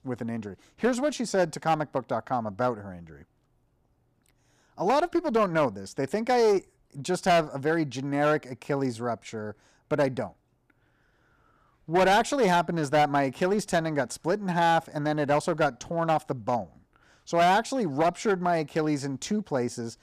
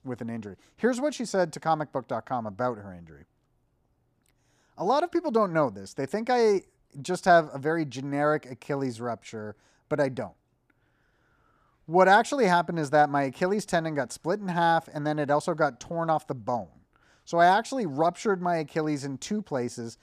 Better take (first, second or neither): second